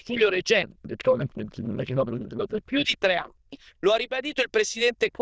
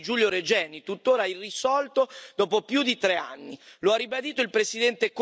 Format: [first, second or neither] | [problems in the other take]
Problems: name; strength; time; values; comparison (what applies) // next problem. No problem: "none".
second | noise reduction (neural diffusion model UNIVERSE++)